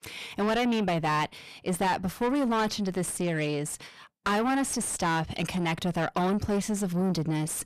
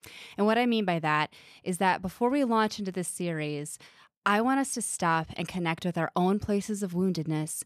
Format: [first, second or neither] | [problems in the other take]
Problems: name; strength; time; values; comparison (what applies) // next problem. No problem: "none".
second | distortion; heavy; 5 dB below the speech